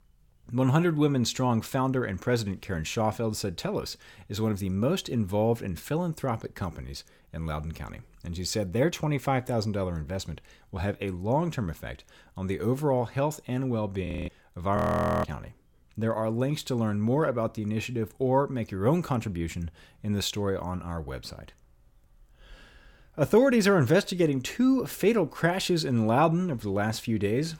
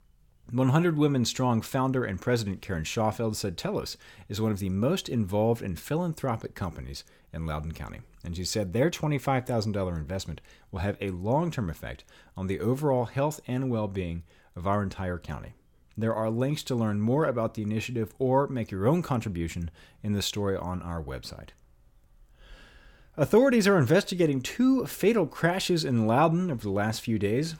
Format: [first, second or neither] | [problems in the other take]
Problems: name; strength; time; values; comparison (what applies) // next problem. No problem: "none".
second | audio freezing; at 14 s and at 15 s